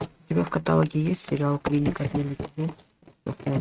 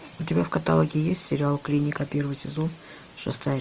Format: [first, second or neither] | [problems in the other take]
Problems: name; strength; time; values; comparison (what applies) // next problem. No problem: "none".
second | noise reduction (neural mask model RNNoise)